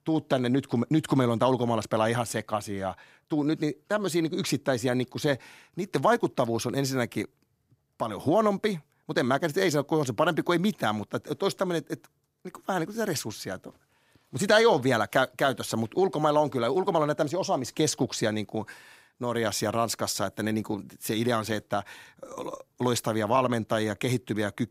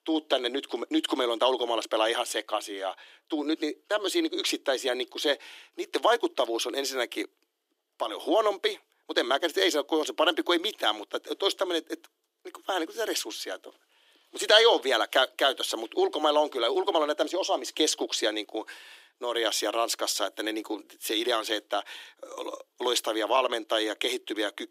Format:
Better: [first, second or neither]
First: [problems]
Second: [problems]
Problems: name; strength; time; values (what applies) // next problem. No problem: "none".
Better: first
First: none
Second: thin; somewhat; fading below 300 Hz